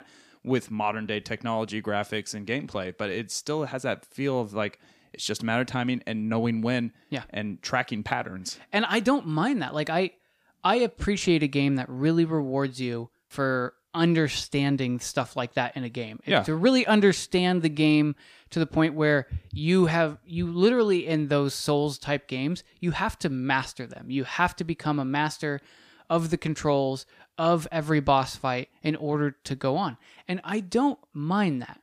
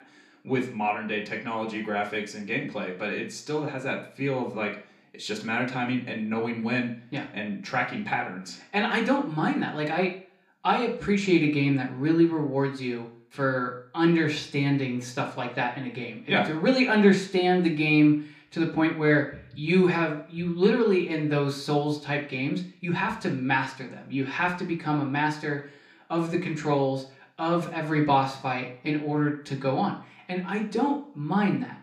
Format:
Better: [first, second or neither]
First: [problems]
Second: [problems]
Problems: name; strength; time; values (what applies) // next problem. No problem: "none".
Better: first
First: none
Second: room echo; slight; dies away in 0.4 s // off-mic speech; far